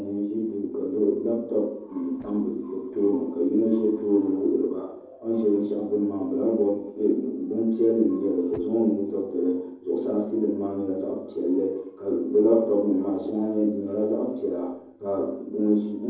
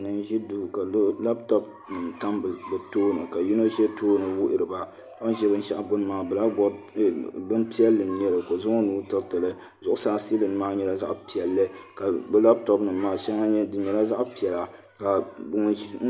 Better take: second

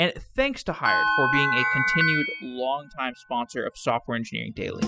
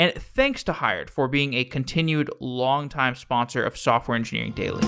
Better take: second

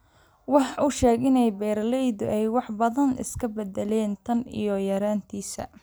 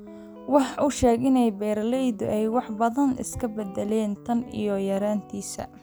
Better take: first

